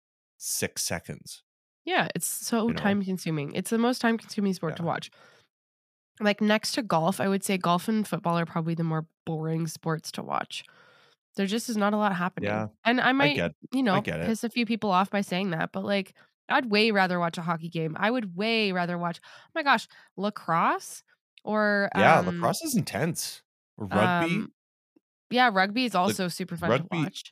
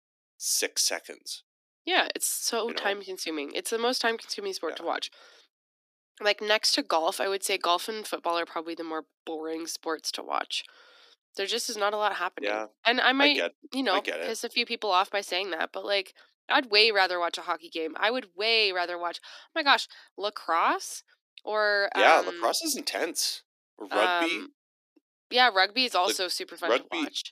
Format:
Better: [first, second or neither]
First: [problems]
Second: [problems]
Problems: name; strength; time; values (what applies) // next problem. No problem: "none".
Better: first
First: none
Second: thin; somewhat; fading below 300 Hz